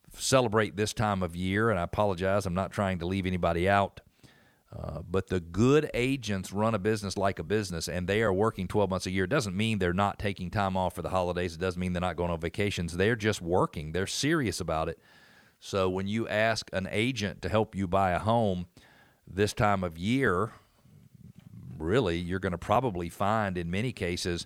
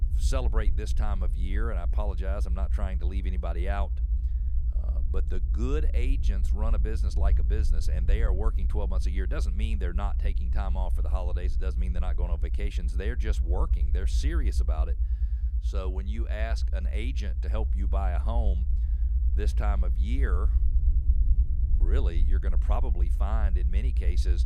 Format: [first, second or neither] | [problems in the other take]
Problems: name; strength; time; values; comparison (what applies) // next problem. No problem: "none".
first | low rumble; loud; throughout; 10 dB below the speech